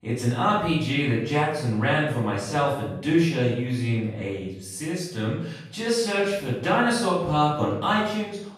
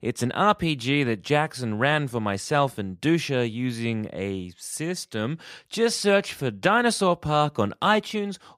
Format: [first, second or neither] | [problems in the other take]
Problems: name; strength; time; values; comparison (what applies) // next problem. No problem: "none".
second | room echo; noticeable; dies away in 0.7 s // off-mic speech; far